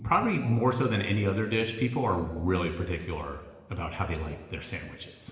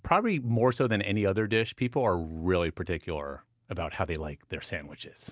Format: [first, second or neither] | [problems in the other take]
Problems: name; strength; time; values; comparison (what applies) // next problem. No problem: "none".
second | room echo; dies away in 1.3 s